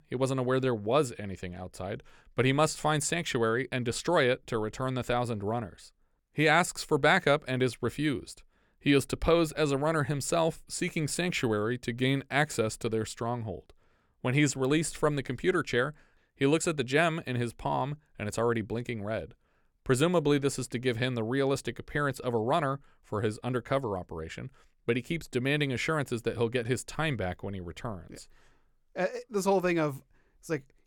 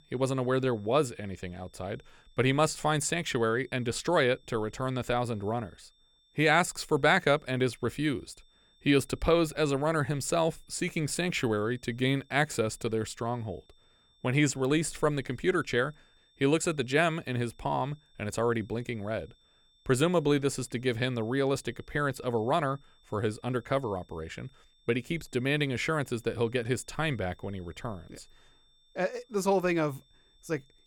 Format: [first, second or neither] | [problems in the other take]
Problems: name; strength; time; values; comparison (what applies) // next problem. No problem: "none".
first | high-pitched whine; faint; throughout; 3.5 kHz, 35 dB below the speech